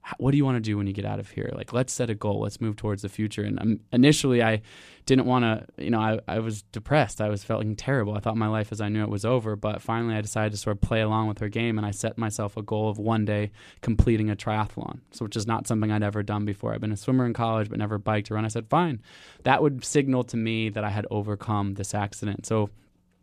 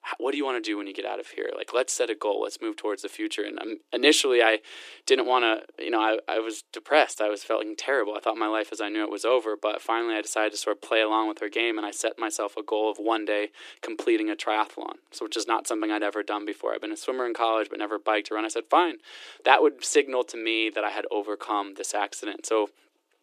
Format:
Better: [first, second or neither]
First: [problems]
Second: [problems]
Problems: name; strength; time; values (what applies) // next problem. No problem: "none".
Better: first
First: none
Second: thin; very; fading below 300 Hz